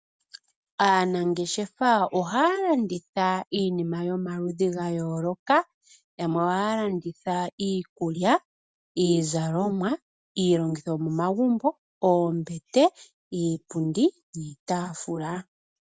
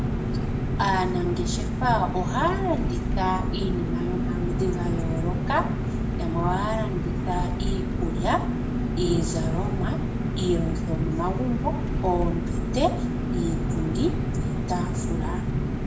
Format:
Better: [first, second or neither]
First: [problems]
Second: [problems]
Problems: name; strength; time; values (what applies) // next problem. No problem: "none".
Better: first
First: none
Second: background sound (Engine); 3 dB above the speech // room echo; dies away in 0.5 s